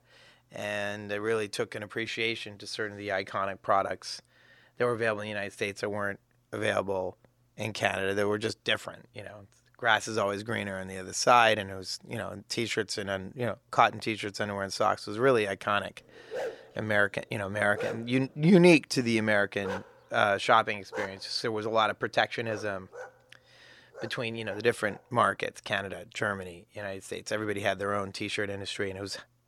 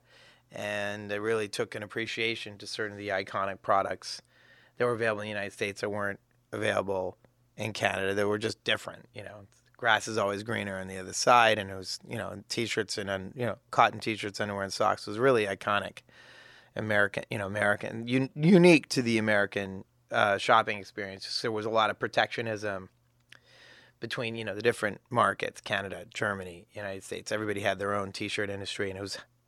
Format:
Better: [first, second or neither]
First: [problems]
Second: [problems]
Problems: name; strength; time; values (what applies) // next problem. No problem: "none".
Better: second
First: dog barking; noticeable; from 16 to 25 s; peak 8 dB below the speech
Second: none